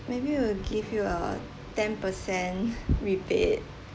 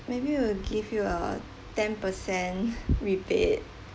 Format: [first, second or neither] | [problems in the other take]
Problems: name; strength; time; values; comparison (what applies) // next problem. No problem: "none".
second | background sound (Musical instrument); 16 dB below the speech